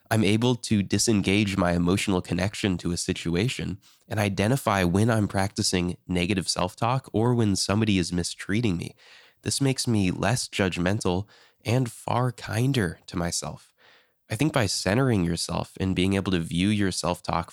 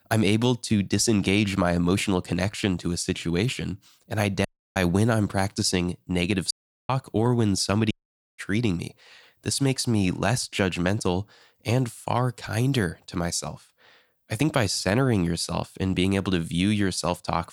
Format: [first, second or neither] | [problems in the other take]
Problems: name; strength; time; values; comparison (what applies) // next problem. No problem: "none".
first | audio cutting out; at 4.5 s, at 6.5 s and at 8 s